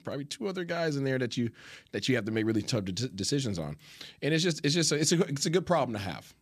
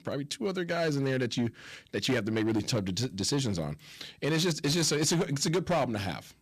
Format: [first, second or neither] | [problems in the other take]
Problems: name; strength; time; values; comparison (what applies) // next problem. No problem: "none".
first | distortion; slight; 9% of the sound clipped